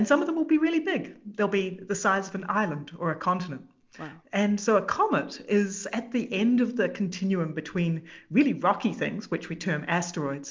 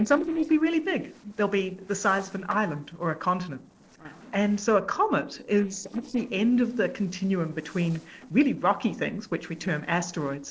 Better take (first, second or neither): first